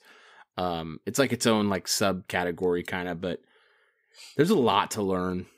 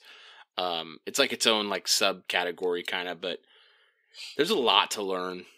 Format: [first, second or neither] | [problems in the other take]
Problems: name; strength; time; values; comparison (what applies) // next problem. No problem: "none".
first | thin; somewhat; fading below 350 Hz